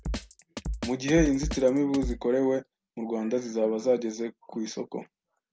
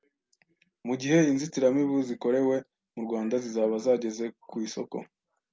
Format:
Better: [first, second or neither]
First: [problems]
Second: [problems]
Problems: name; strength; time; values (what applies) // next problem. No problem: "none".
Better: second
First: background sound (Drum kit); 10 dB below the speech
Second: none